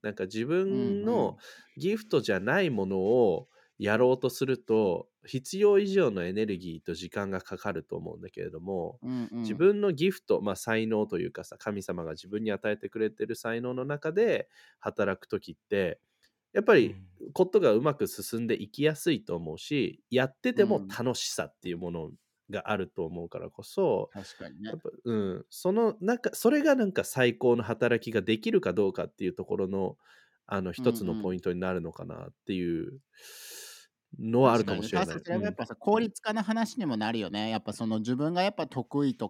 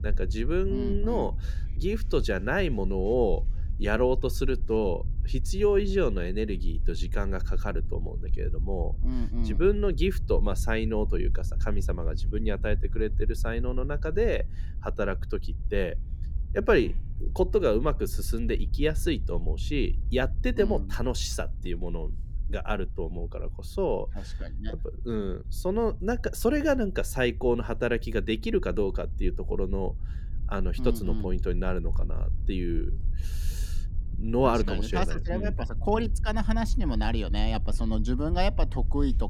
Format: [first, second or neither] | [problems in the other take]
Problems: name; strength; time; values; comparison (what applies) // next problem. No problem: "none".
first | low rumble; faint; throughout; 20 dB below the speech